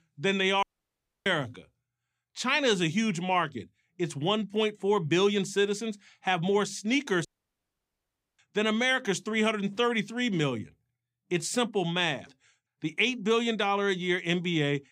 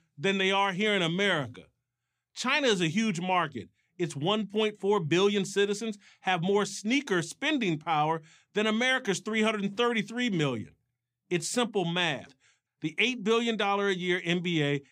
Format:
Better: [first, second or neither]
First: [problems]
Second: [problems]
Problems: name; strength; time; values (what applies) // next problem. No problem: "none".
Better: second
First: audio cutting out; at 0.5 s for 0.5 s and at 7.5 s for 1 s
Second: none